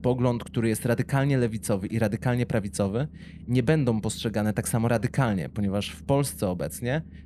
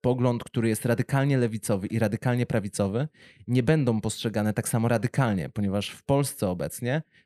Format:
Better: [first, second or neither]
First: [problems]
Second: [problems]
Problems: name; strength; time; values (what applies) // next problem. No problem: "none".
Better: second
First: low rumble; faint; throughout; 25 dB below the speech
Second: none